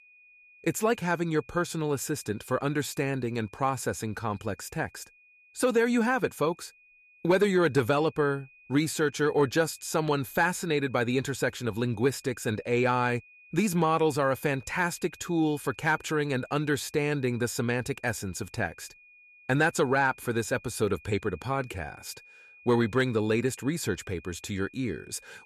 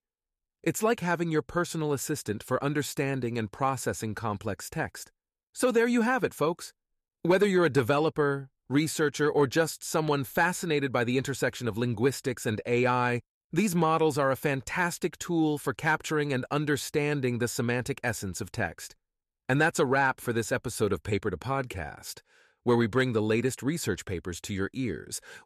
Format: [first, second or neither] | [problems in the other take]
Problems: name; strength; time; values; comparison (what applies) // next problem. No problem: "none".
second | high-pitched whine; faint; throughout; 2.5 kHz, 25 dB below the speech